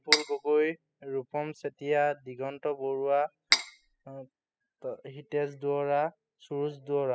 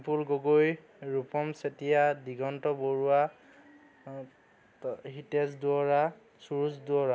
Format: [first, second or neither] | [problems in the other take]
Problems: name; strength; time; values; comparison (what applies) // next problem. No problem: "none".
second | noise reduction (classical method spectral subtraction)